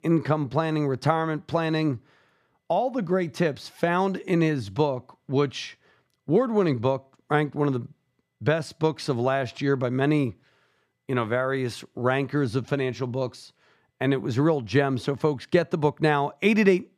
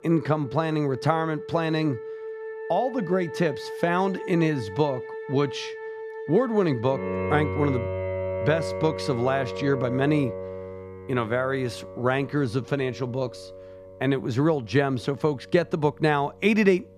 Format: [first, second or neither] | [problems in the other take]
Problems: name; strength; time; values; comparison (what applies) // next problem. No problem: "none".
first | background music; loud; throughout; 9 dB below the speech